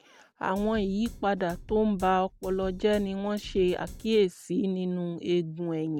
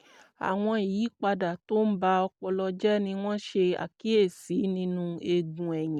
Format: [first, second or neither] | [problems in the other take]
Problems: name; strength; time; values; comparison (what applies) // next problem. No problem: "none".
second | background sound (Drum kit); 16 dB below the speech